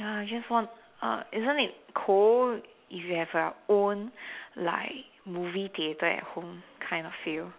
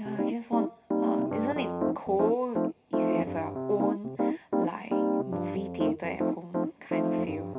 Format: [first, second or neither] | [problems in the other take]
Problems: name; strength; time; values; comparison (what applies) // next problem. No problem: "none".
first | background sound (Piano); 4 dB above the speech // room echo; dies away in 0.4 s